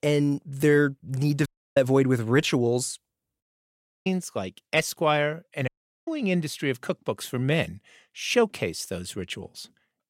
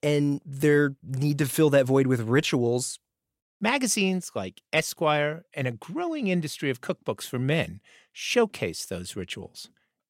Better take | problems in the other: second | audio cutting out; at 1.5 s, at 3.5 s for 0.5 s and at 5.5 s

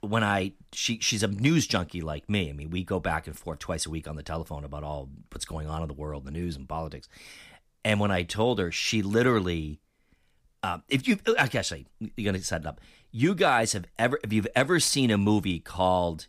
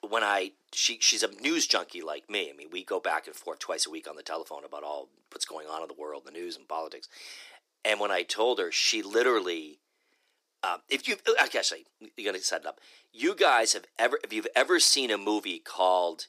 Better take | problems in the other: first | thin; very; fading below 350 Hz

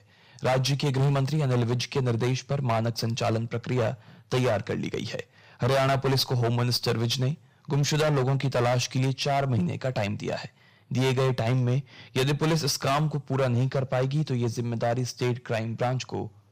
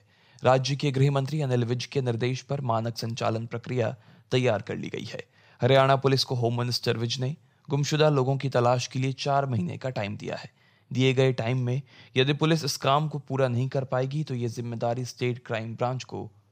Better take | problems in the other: second | distortion; heavy; 15% of the sound clipped

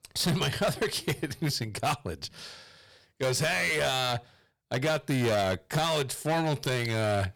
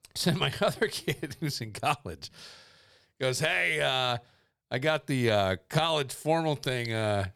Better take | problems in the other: second | distortion; heavy; 13% of the sound clipped

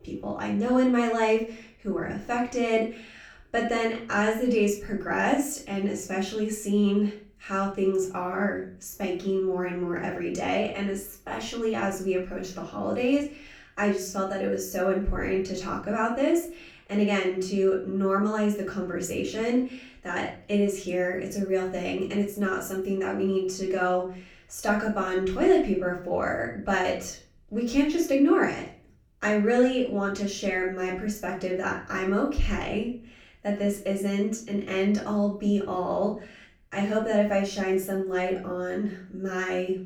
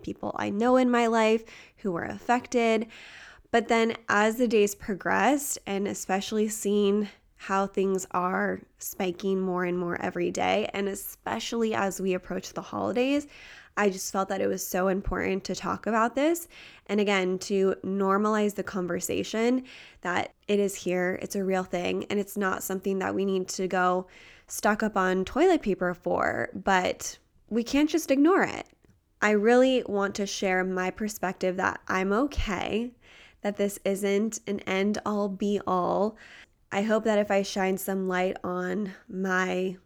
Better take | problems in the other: second | off-mic speech; far // room echo; slight; dies away in 0.4 s

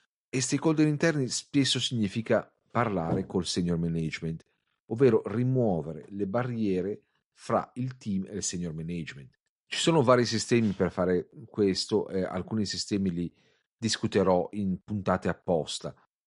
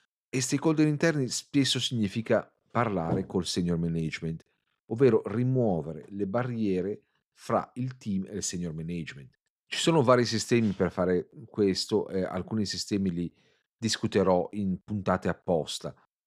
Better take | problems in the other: second | garbled, watery; slightly; nothing above 10.5 kHz

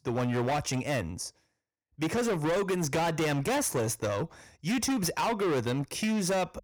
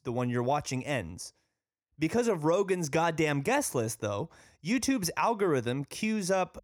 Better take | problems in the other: second | distortion; heavy; 23% of the sound clipped

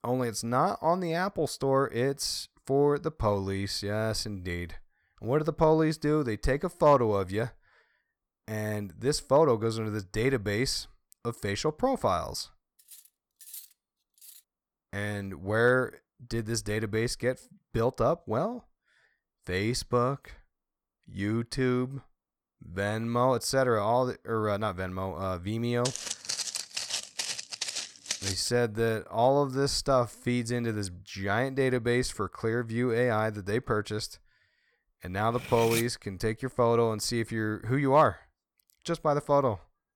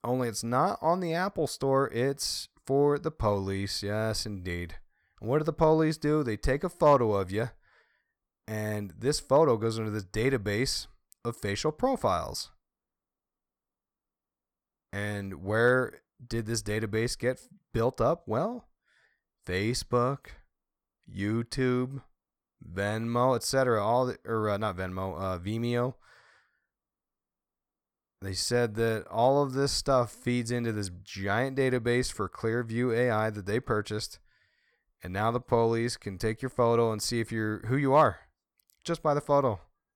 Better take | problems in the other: second | clattering dishes; faint; from 13 to 14 s; peak 15 dB below the speech // footsteps; noticeable; from 26 to 28 s; peak 2 dB below the speech // clattering dishes; noticeable; at 35 s; peak 4 dB below the speech

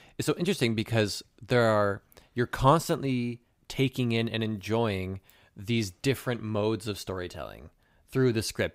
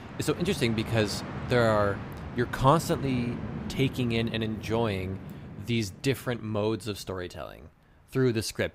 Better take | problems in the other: first | train or aircraft noise; loud; throughout; 10 dB below the speech

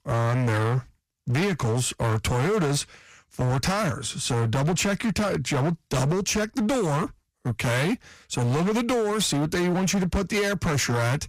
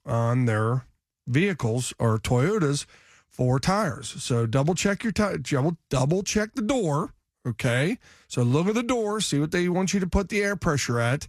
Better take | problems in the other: second | distortion; heavy; 24% of the sound clipped

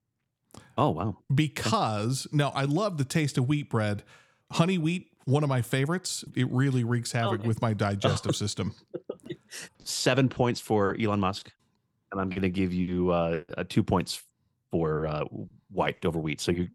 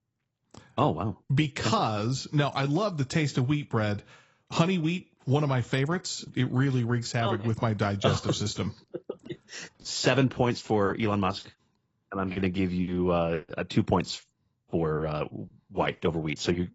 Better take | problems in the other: first | garbled, watery; badly; nothing above 7.5 kHz

